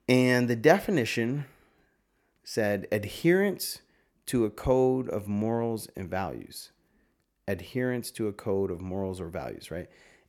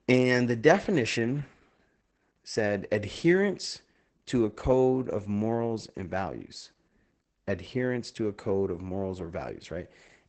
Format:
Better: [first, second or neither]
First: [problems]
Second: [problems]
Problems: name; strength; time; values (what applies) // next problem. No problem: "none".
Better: first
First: none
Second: garbled, watery; badly; nothing above 8 kHz